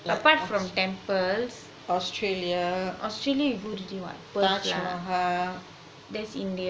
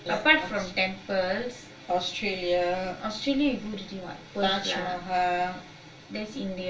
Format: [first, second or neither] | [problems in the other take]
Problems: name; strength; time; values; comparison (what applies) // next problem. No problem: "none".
first | room echo; dies away in 0.2 s